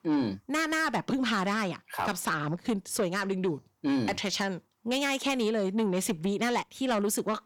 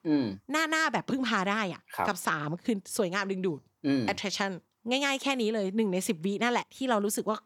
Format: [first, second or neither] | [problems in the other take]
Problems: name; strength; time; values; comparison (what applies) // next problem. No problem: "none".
second | distortion; slight; 10 dB below the speech